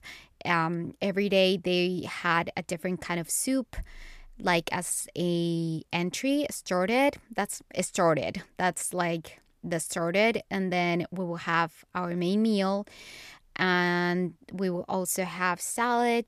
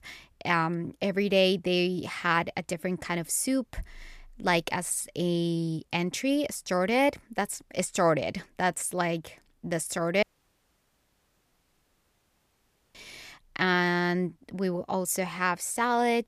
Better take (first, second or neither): first